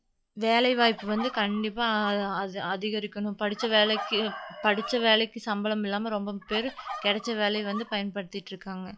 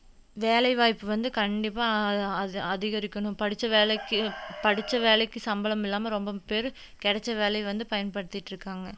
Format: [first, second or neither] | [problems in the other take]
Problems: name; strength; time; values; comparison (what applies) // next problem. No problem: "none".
second | noise reduction (classical method log-MMSE)